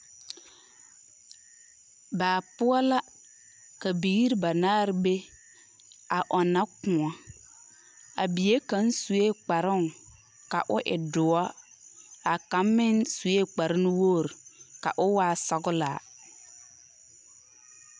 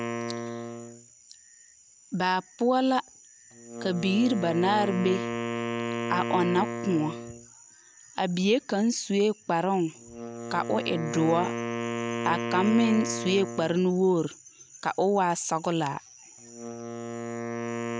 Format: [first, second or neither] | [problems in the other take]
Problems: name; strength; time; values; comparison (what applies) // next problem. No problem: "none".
first | background sound (Wind instrument, woodwind instrument); 7 dB below the speech